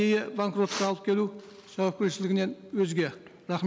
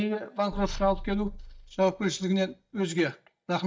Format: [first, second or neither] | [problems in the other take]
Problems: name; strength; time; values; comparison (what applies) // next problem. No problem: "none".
first | noise reduction (neural mask model DeepFilterNet 3)